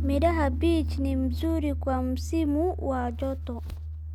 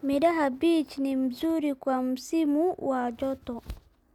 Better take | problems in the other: second | background sound (Piano); 2 dB below the speech

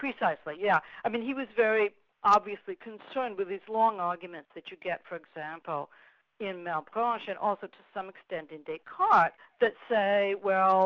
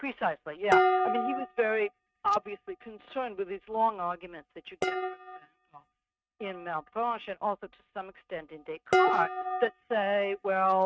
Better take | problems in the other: first | noise reduction (neural mask model RNNoise)

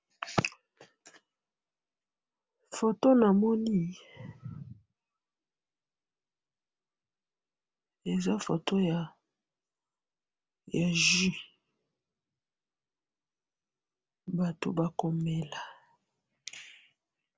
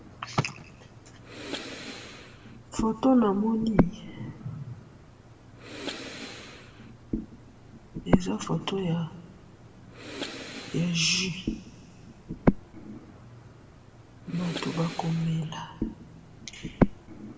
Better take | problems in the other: first | background sound (Breathing); 2 dB below the speech // room echo; dies away in 1.5 s

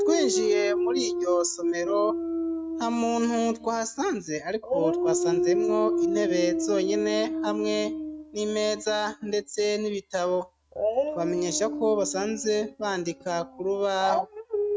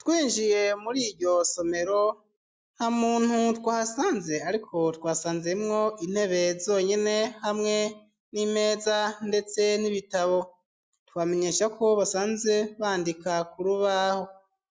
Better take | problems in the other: second | noise reduction (neural mask model RNNoise)

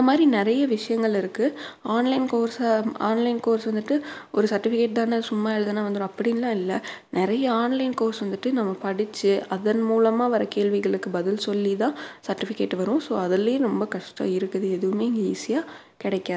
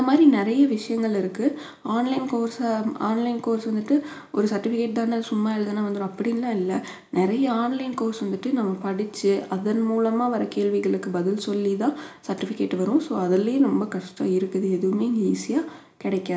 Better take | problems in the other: first | room echo; dies away in 0.4 s

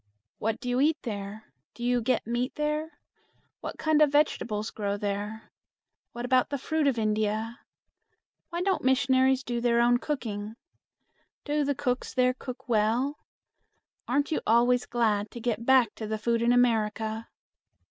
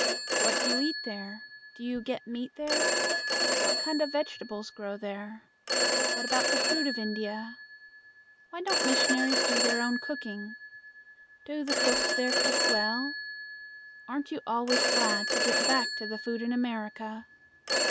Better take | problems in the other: first | background sound (Telephone); 3 dB above the speech

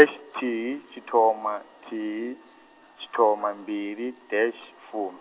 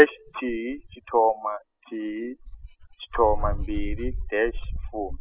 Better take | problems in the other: first | noise reduction (classical method spectral subtraction)

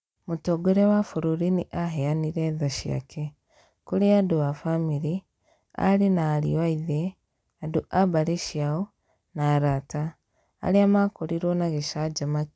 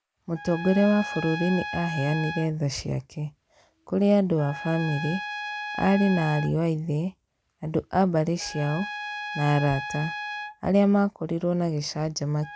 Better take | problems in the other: first | background sound (Trumpet); 11 dB below the speech

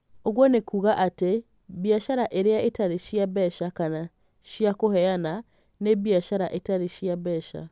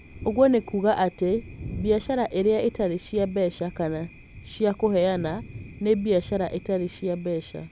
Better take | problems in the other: first | background sound (Thunder); 16 dB below the speech

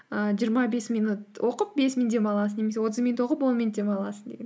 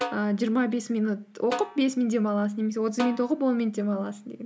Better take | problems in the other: first | background sound (Snare drum); 13 dB below the speech

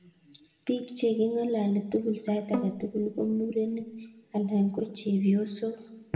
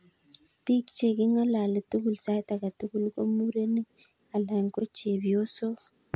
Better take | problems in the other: second | background sound (Bowed string instrument); 9 dB below the speech // room echo; dies away in 0.8 s

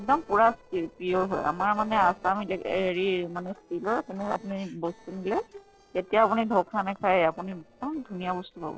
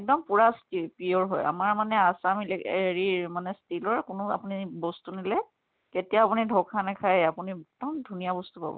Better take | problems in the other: second | noise reduction (neural separator model SepFormer DNS4)

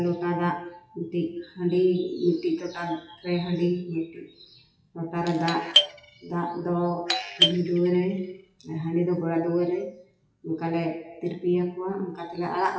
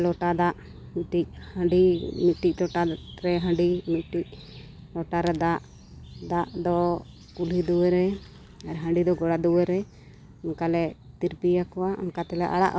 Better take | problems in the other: second | noise reduction (classical method WPE with log-MMSE)

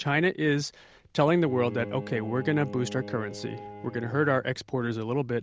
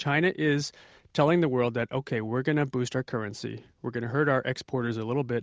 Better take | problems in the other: second | background sound (Bowed string instrument); 15 dB below the speech

